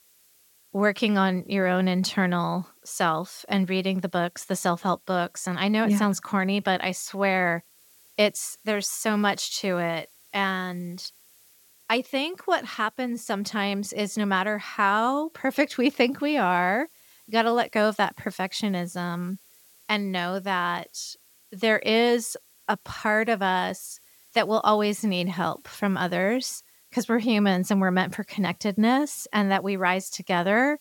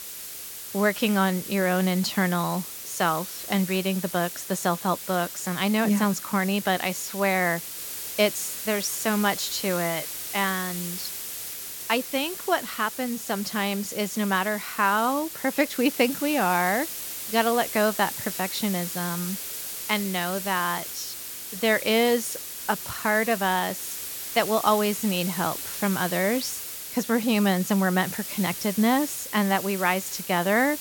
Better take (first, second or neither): first